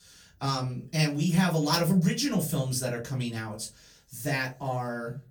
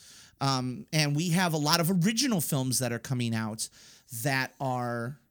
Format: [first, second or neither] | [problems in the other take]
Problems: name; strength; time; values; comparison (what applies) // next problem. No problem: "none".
second | off-mic speech; far // room echo; very slight; dies away in 0.2 s